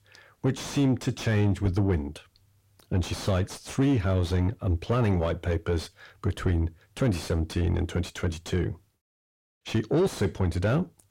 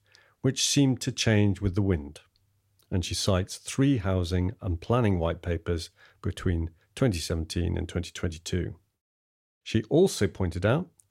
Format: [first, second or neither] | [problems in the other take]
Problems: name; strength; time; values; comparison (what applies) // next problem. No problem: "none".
second | distortion; heavy; 7 dB below the speech